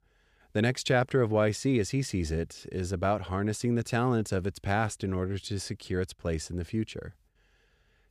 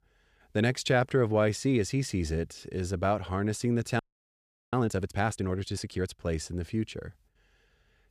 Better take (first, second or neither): first